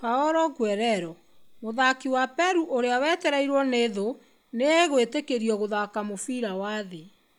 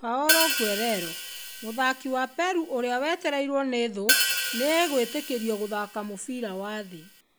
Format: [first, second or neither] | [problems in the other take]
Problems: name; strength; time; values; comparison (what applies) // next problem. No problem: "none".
first | background sound (Hi-hat); 2 dB below the speech